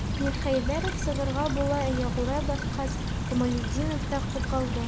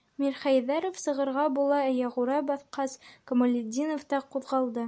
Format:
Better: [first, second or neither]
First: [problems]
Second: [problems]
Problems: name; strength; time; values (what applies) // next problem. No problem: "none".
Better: second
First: background sound (Stream / Trickle, dribble); 1 dB above the speech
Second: none